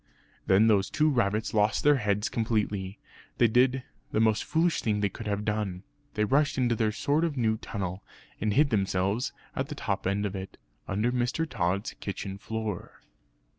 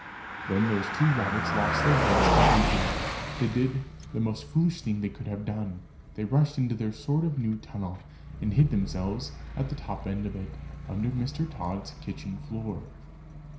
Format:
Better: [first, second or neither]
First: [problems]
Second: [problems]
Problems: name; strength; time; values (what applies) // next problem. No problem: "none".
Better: first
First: none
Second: background sound (Car passing by); 2 dB below the speech // room echo; dies away in 0.5 s